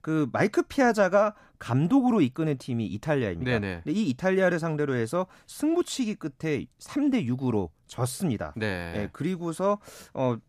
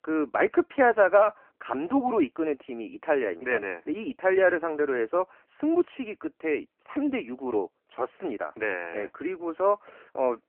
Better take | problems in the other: first | phone-call audio; poor line

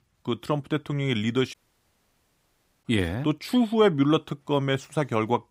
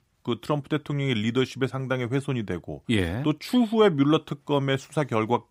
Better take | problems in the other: second | audio cutting out; at 1.5 s for 1.5 s

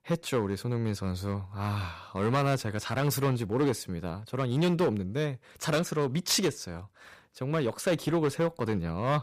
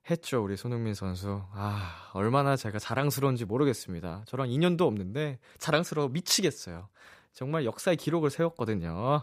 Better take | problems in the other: second | distortion; slight; 6% of the sound clipped

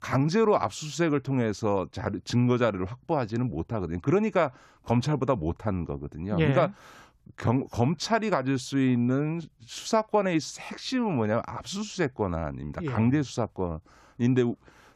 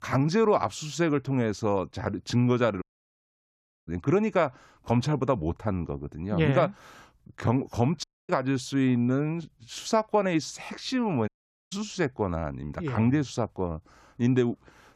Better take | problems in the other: first | audio cutting out; at 3 s for 1 s, at 8 s and at 11 s

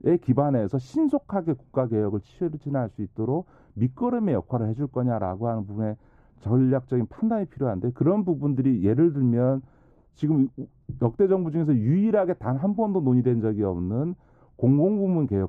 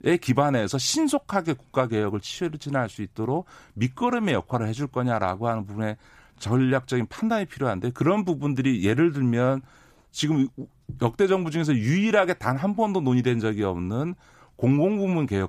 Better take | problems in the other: second | muffled; very; fading above 1.5 kHz

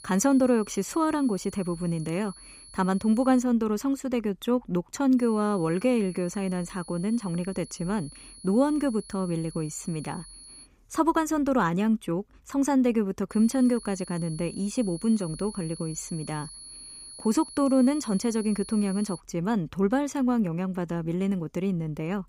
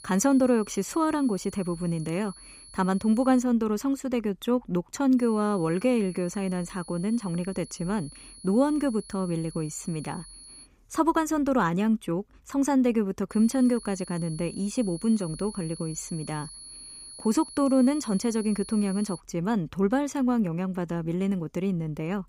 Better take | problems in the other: neither | high-pitched whine; noticeable; until 3.5 s, from 5 to 11 s and from 13 to 19 s; 10.5 kHz, 15 dB below the speech; the same in both

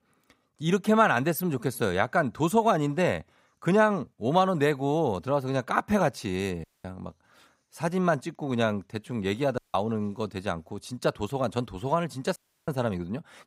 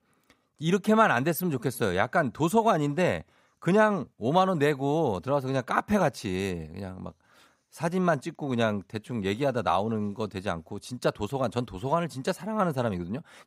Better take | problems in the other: second | audio cutting out; at 6.5 s, at 9.5 s and at 12 s

